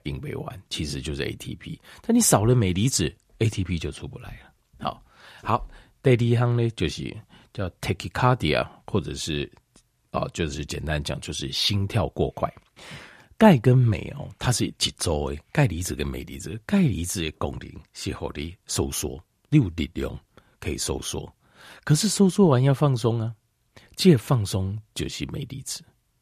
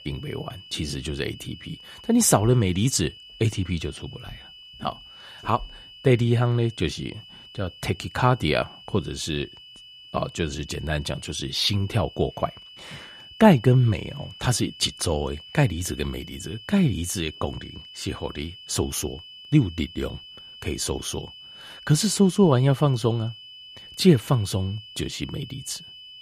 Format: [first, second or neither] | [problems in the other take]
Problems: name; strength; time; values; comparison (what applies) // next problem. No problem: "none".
first | high-pitched whine; noticeable; throughout; 3 kHz, 20 dB below the speech